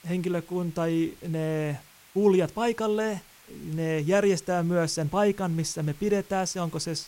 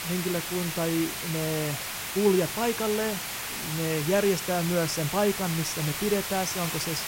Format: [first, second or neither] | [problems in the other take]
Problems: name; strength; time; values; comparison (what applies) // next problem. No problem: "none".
first | hiss; loud; throughout; 3 dB below the speech; faint in the first